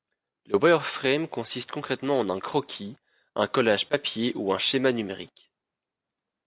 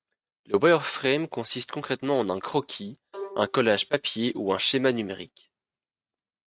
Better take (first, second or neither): first